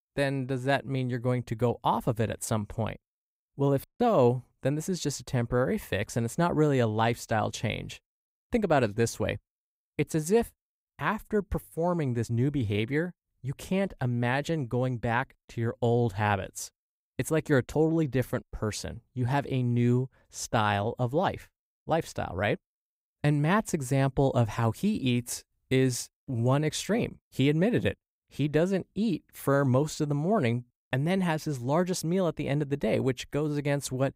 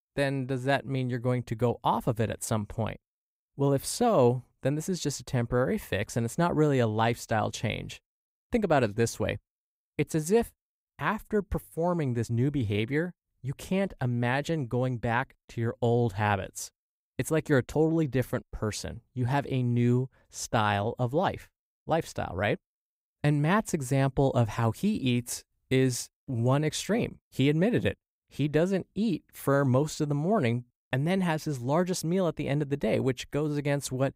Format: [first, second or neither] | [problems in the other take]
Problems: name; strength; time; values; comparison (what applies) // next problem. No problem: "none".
second | audio cutting out; at 4 s